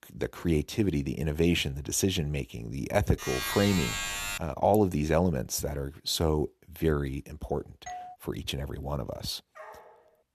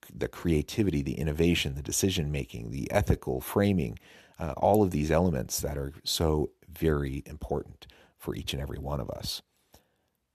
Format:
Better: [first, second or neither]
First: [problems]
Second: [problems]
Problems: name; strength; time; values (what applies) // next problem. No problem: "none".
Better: second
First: alarm; noticeable; from 3 to 4.5 s; peak 2 dB below the speech // doorbell; faint; at 8 s; peak 10 dB below the speech // dog barking; faint; at 9.5 s; peak 20 dB below the speech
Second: none